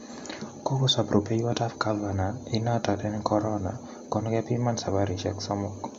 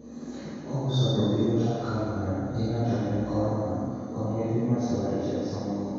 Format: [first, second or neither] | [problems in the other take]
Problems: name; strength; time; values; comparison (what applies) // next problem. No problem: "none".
first | room echo; dies away in 2 s